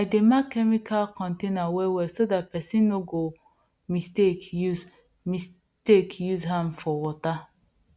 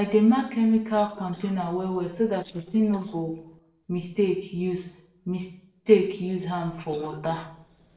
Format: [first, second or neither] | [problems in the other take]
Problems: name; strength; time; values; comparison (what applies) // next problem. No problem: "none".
first | noise reduction (neural separator model SepFormer DNS4)